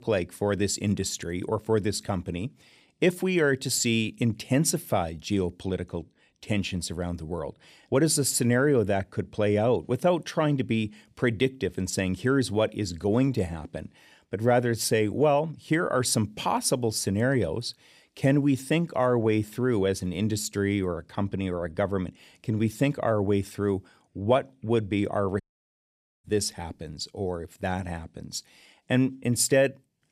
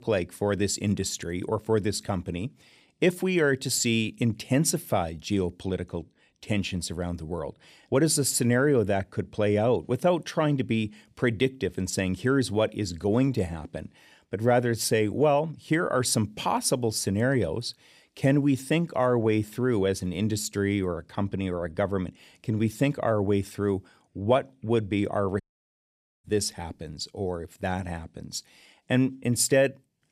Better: neither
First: audio cutting out; at 25 s for 1 s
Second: audio cutting out; at 25 s for 1 s

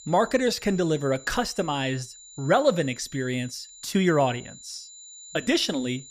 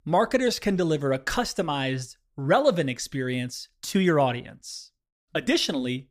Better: second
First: high-pitched whine; noticeable; throughout; 7 kHz, 20 dB below the speech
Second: none

